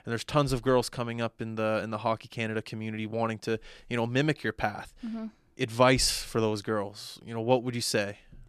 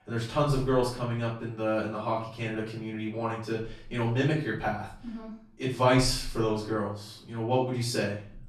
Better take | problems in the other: first | room echo; noticeable; dies away in 0.5 s // off-mic speech; far

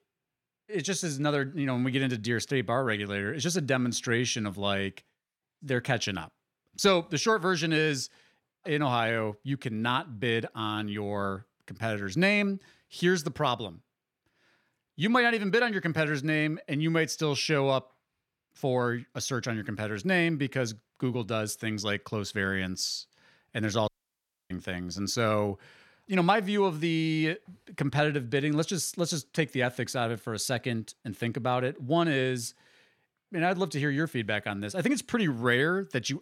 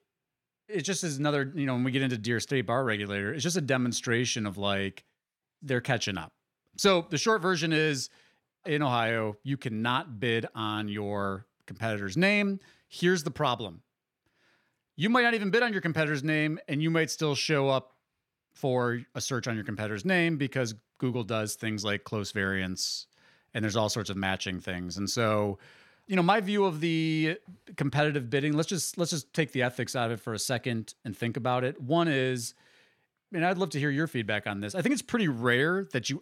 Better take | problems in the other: second | audio cutting out; at 24 s for 0.5 s

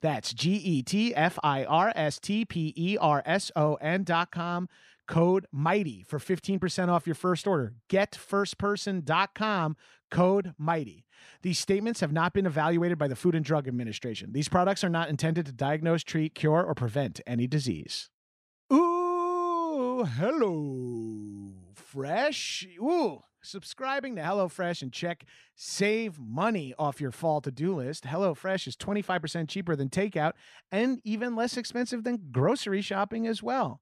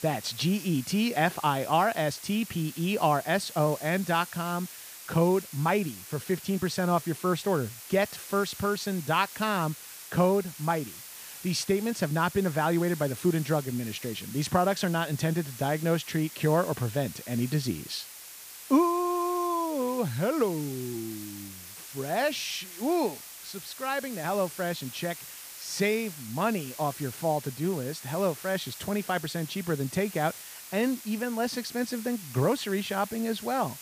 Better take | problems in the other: first | hiss; noticeable; throughout; 15 dB below the speech

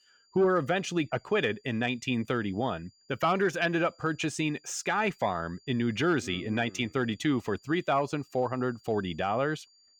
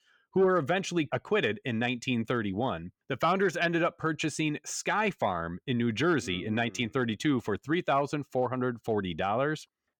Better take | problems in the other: second | high-pitched whine; faint; throughout; 4.5 kHz, 30 dB below the speech

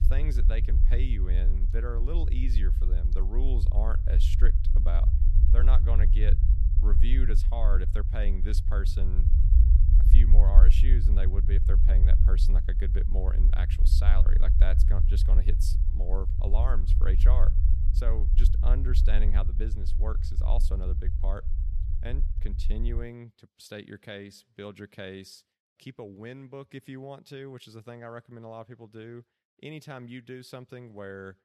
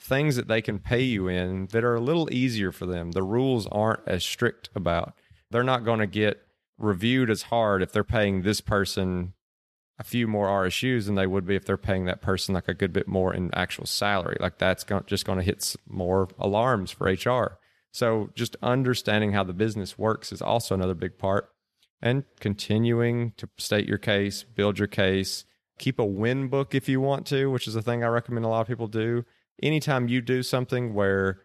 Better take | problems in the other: second | low rumble; loud; until 23 s; 5 dB below the speech

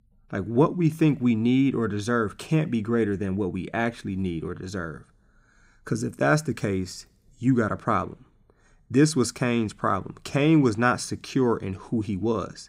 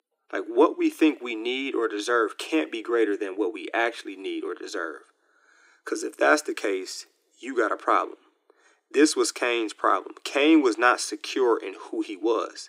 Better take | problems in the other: first | thin; very; fading below 300 Hz

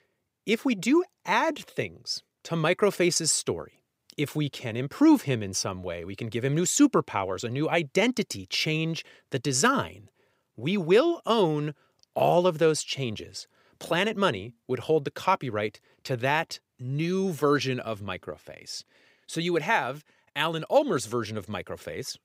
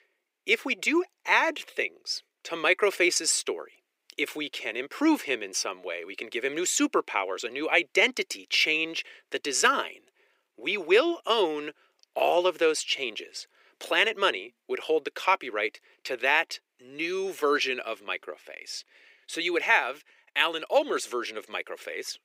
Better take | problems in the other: first | thin; somewhat; fading below 350 Hz

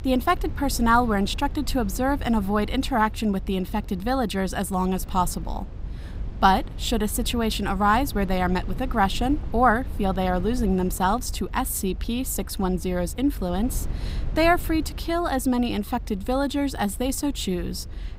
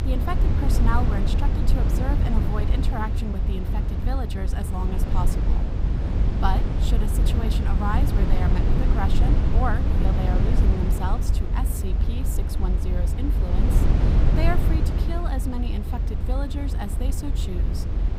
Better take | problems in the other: first | low rumble; loud; throughout; 2 dB below the speech; faint in the first

